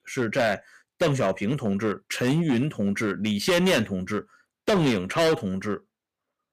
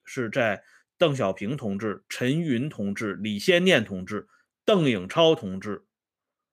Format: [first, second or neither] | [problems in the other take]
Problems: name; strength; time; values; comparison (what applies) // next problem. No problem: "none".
second | distortion; heavy; 9% of the sound clipped